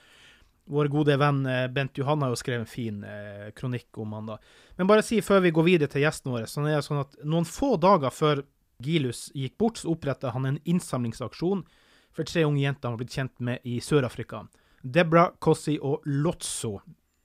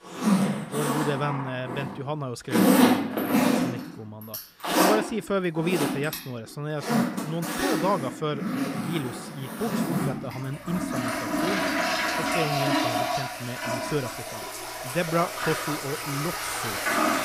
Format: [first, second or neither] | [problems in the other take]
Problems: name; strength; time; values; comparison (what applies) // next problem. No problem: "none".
first | household noises; very loud; throughout; 5 dB above the speech